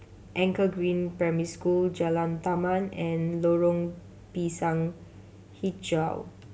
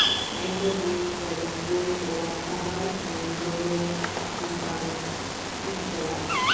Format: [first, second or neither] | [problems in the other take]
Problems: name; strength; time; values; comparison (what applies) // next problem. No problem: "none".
first | background sound (Bird vocalization, bird call, bird song); 1 dB above the speech // room echo; dies away in 1.3 s